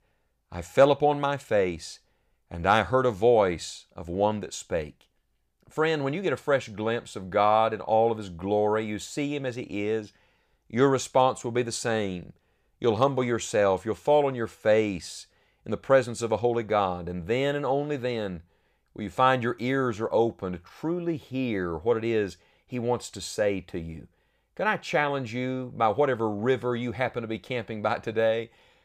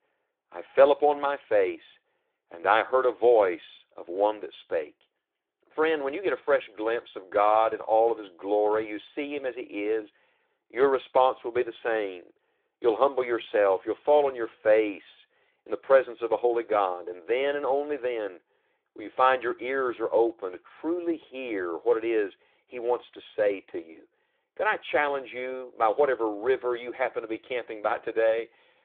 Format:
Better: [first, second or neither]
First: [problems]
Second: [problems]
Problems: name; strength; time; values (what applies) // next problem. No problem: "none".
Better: first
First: none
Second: phone-call audio